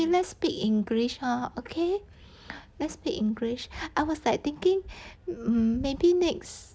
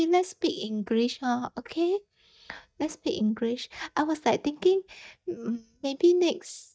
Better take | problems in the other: first | noise reduction (neural mask model DeepFilterNet 3)

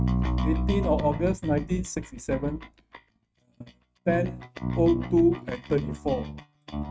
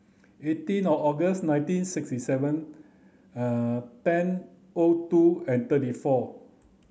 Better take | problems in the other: second | noise reduction (neural mask model RNNoise)

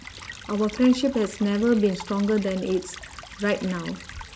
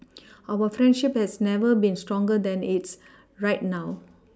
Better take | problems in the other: second | background sound (Stream / Trickle, dribble); 16 dB below the speech

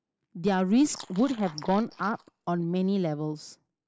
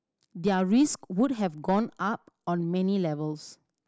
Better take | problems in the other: second | noise reduction (neural mask model Resemble Enhance denoiser)

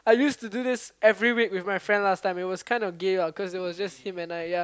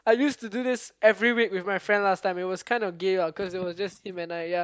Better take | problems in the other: first | noise reduction (neural mask model DeepFilterNet 3)

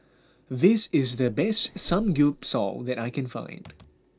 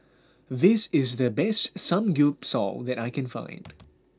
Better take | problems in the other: second | background sound (Vehicle); 20 dB below the speech

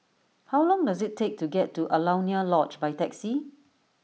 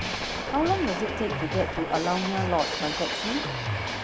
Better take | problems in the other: first | background sound (Train + Drum kit); 1 dB below the speech

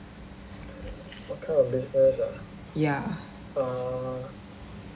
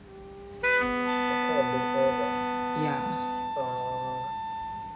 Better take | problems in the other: first | background sound (Wind instrument, woodwind instrument + Wind instrument, woodwind instrument); 5 dB above the speech

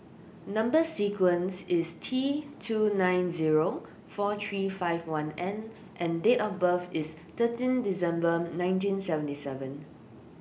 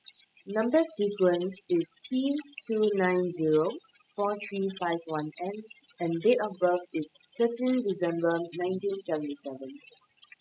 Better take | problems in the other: first | noise reduction (classical method spectral subtraction)

